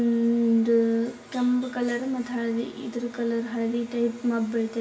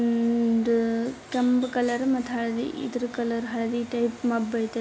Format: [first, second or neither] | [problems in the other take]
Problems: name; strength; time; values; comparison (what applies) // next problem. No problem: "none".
second | room echo; dies away in 0.7 s